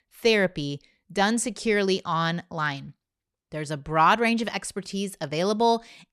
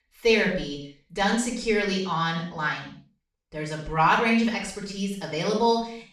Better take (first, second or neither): first